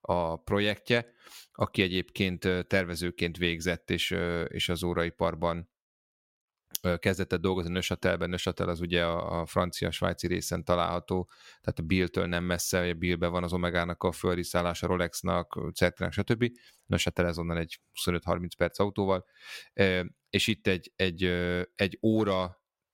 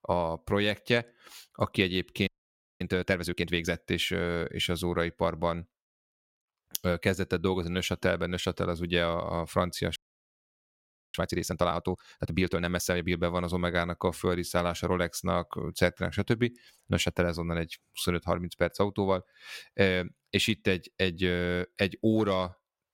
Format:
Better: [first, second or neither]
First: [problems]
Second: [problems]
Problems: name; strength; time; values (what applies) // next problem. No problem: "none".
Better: first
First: none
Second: audio freezing; at 2.5 s for 0.5 s and at 10 s for 1 s